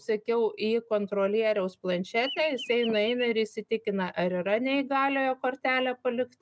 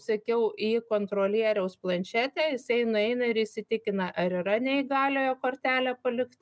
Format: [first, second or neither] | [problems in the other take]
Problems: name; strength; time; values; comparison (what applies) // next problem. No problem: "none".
second | background sound (Chirp, tweet); 11 dB below the speech